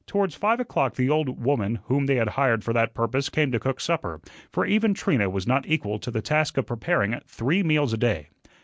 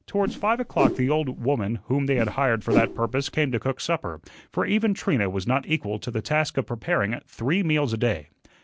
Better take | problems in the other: first | background sound (Whoosh, swoosh, swish); 5 dB below the speech

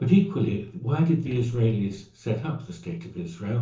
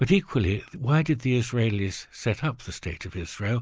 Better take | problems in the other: second | noise reduction (neural separator model SepFormer DNS4)

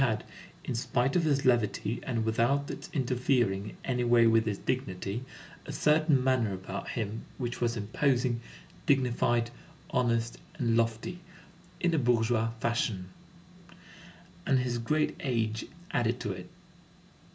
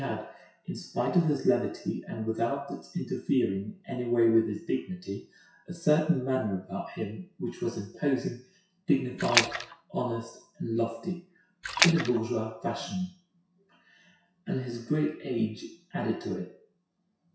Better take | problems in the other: first | noise reduction (classical method WPE with log-MMSE)

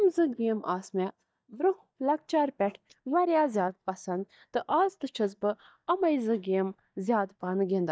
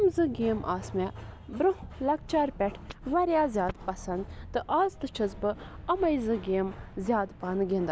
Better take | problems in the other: second | noise reduction (neural mask model DeepFilterNet 3)

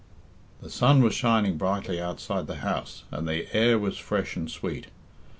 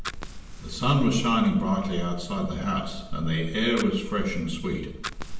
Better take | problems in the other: first | background sound (Fire); 18 dB below the speech // room echo; dies away in 0.8 s

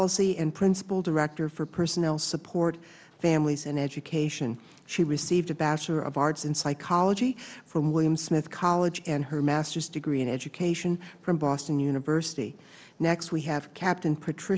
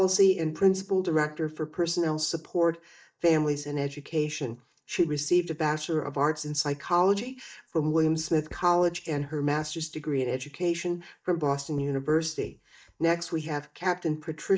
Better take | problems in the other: first | noise reduction (neural mask model DeepFilterNet 3)

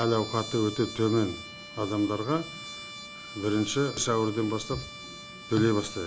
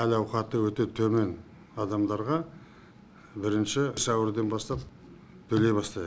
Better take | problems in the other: second | background sound (Trumpet); 13 dB below the speech

